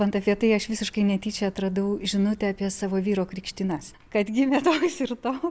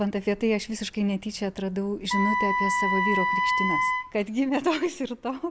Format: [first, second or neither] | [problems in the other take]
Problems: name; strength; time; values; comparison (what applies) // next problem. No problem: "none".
first | background sound (Wind instrument, woodwind instrument); 2 dB above the speech